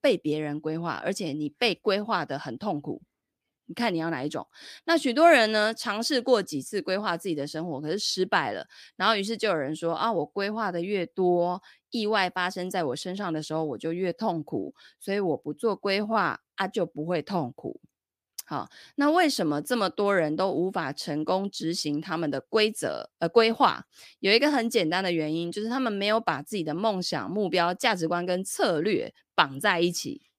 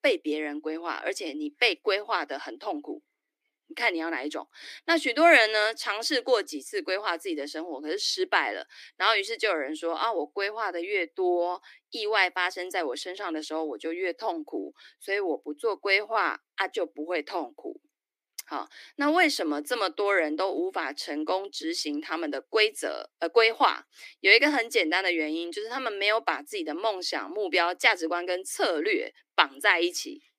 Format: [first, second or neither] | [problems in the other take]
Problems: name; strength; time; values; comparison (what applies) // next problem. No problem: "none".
first | thin; very slightly; fading below 300 Hz